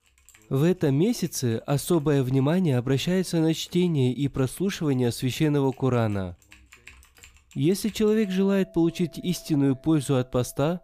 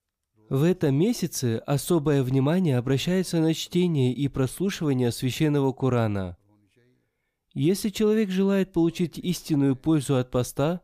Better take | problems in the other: second | household noises; faint; throughout; 30 dB below the speech

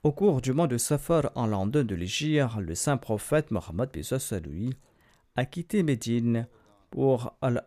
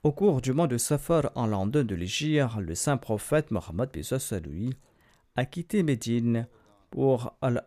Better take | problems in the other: neither | none

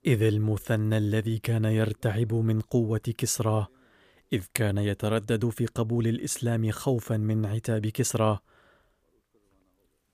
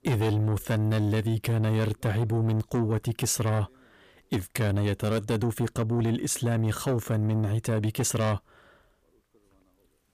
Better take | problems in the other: first | distortion; slight; 10 dB below the speech

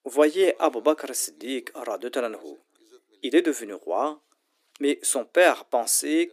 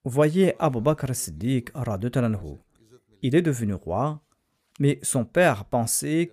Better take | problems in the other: second | thin; somewhat; fading below 300 Hz

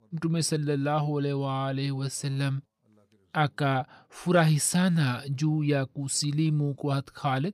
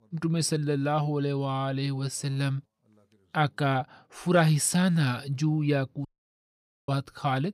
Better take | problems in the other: first | audio cutting out; at 6 s for 1 s

